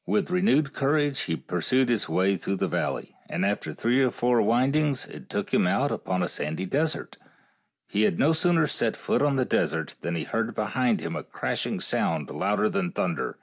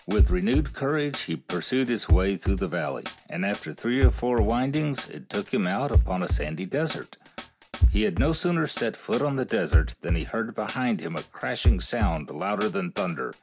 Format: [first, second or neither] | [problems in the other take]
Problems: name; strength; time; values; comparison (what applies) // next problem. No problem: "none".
first | background sound (Drum kit); as loud as the speech